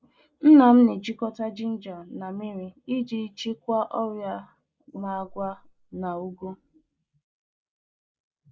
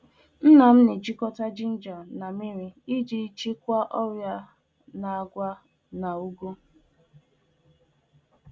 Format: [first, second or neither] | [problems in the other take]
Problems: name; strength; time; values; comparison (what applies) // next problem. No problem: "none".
second | noise reduction (neural mask model Resemble Enhance denoiser)